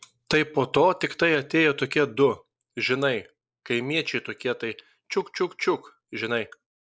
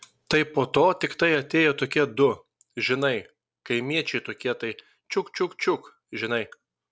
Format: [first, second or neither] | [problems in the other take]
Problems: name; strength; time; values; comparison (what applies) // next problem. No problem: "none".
second | noise reduction (neural mask model Resemble Enhance denoiser)